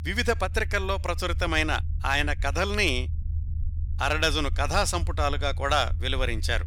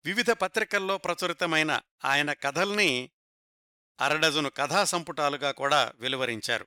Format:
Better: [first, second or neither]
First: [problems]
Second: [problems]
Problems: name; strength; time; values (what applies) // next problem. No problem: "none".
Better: second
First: low rumble; faint; throughout; 25 dB below the speech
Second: none